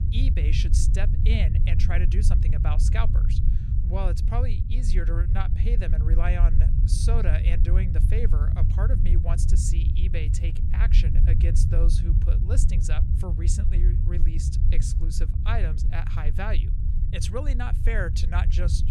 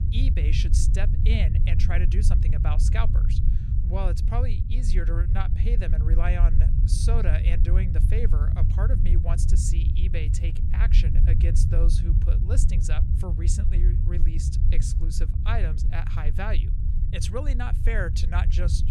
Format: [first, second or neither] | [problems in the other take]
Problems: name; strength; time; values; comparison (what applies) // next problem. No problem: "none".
neither | low rumble; loud; throughout; 5 dB below the speech; the same in both